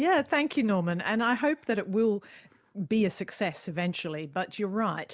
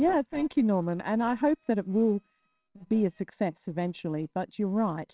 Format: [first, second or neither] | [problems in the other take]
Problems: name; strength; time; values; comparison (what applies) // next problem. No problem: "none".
first | noise reduction (neural separator model SepFormer WHAMR!)